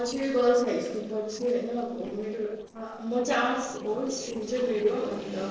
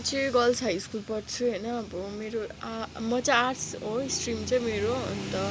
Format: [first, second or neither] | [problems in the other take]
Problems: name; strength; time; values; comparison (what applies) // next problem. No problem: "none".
second | noise reduction (neural separator model SepFormer DNS4)